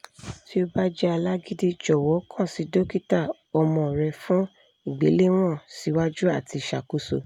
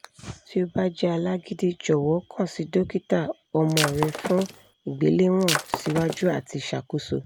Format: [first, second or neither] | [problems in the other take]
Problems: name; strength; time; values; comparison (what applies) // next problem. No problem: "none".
first | background sound (Shatter); 5 dB below the speech